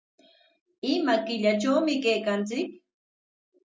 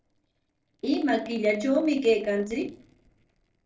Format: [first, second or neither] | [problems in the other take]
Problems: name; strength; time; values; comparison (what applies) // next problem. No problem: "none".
first | noise reduction (neural separator model SepFormer DNS4)